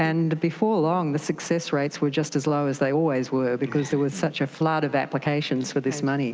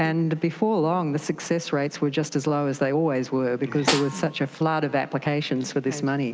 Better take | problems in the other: first | background sound (Snare drum); 7 dB below the speech

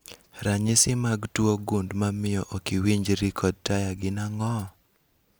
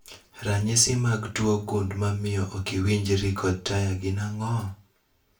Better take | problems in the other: first | room echo; dies away in 0.3 s

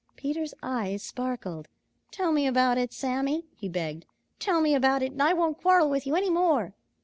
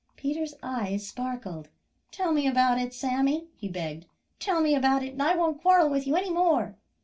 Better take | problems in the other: first | room echo; dies away in 0.2 s

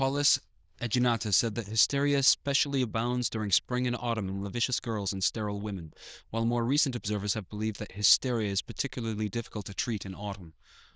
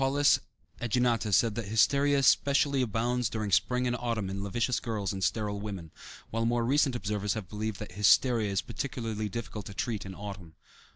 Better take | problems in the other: second | noise reduction (neural diffusion model UNIVERSE++)

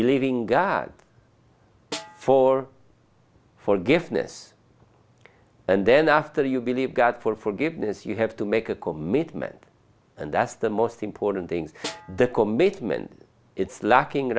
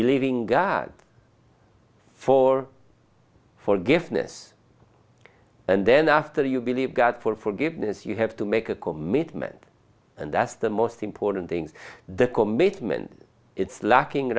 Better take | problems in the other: second | background sound (Snare drum); 17 dB below the speech

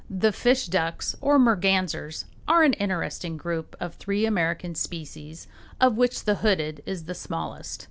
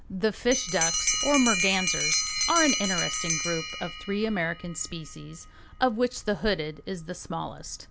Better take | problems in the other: first | background sound (Bell); 3 dB below the speech

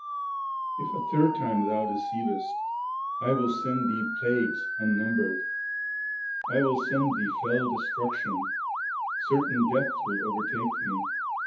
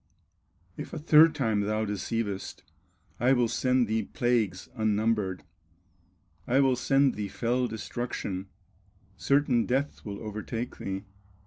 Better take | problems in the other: second | noise reduction (classical method WPE with log-MMSE)

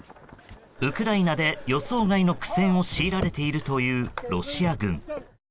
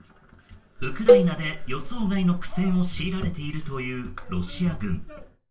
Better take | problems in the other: first | background sound (Cowbell); 4 dB above the speech // room echo; dies away in 0.3 s

